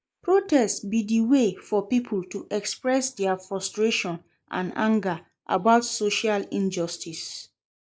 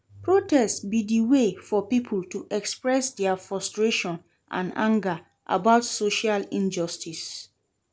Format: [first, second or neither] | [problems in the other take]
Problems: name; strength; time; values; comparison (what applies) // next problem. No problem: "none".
second | noise reduction (neural mask model Resemble Enhance denoiser)